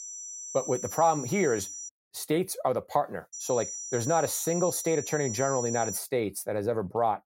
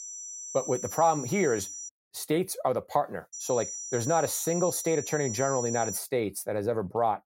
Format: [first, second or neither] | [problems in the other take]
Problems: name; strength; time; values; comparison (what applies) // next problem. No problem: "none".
neither | high-pitched whine; loud; until 2 s and from 3.5 to 6 s; 6 kHz, 7 dB below the speech; the same in both